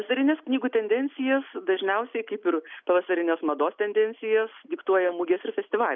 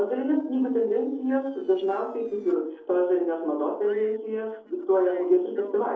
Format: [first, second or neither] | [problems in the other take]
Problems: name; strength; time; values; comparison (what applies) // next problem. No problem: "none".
first | noise reduction (neural separator model SepFormer DNS4)